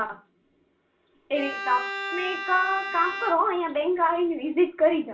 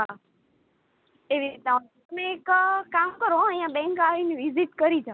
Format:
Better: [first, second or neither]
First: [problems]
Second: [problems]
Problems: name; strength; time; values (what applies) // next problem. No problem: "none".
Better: second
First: background sound (Bowed string instrument); 8 dB below the speech // room echo; dies away in 0.3 s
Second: none